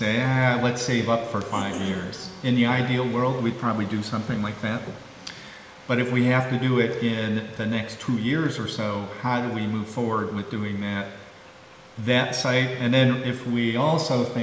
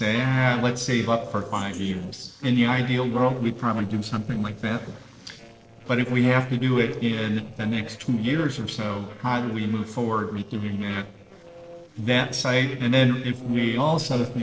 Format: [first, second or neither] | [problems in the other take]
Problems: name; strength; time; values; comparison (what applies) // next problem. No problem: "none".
first | noise reduction (neural separator model SepFormer DNS4)